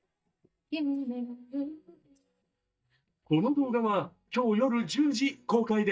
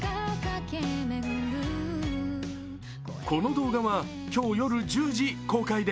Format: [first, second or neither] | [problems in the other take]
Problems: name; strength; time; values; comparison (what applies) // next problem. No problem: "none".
second | noise reduction (neural mask model DeepFilterNet 3)